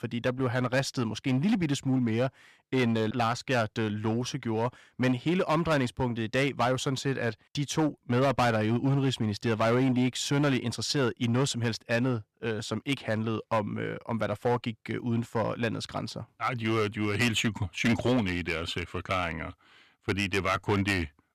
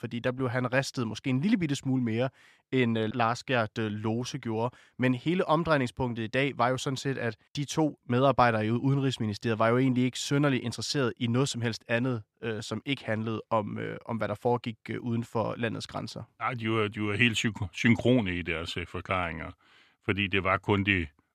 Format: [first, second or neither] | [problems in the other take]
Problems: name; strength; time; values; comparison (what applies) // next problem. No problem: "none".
second | distortion; slight; 6% of the sound clipped